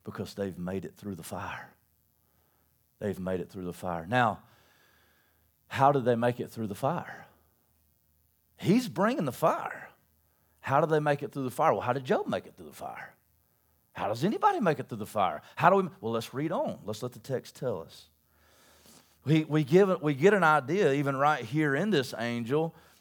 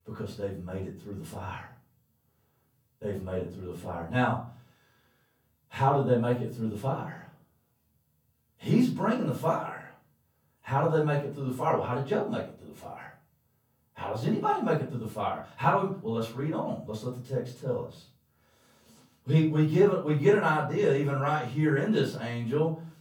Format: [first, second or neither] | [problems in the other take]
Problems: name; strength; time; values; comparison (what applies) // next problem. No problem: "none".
first | off-mic speech; far // room echo; slight; dies away in 0.4 s